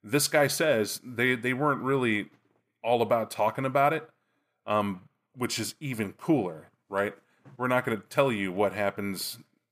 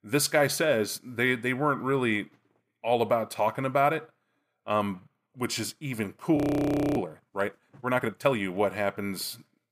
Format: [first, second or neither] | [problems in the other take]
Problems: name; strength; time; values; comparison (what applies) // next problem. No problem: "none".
first | audio freezing; at 6.5 s for 0.5 s